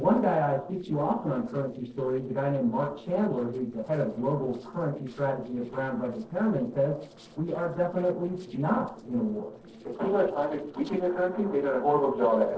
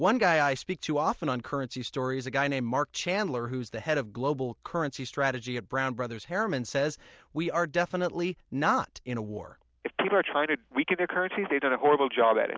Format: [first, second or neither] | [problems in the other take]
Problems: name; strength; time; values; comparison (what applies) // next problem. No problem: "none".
second | noise reduction (neural separator model SepFormer DNS4)